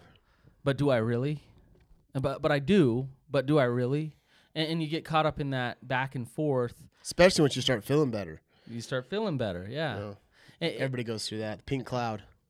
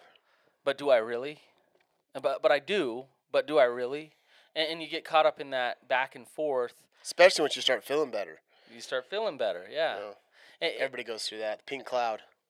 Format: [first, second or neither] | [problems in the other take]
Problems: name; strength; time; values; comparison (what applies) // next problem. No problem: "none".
first | thin; very; fading below 550 Hz